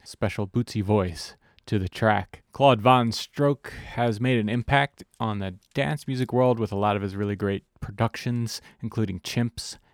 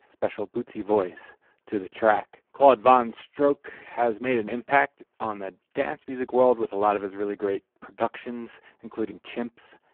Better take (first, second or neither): first